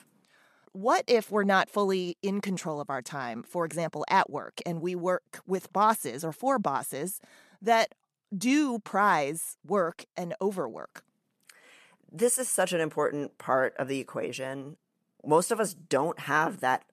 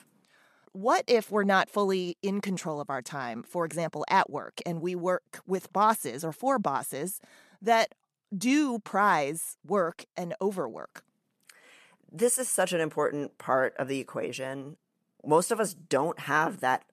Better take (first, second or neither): neither